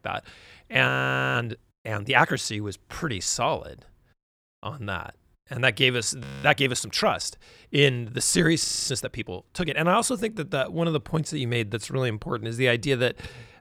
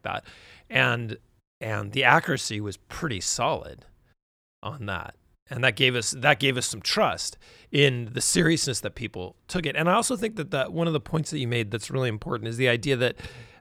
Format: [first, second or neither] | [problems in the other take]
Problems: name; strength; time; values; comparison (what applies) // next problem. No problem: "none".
second | audio freezing; at 1 s, at 6 s and at 8.5 s